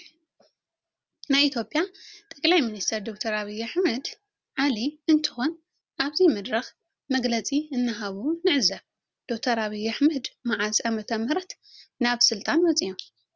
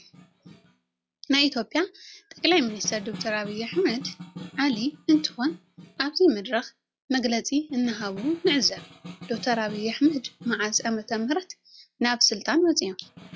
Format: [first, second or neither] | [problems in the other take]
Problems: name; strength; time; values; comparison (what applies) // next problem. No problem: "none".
first | noise reduction (classical method log-MMSE)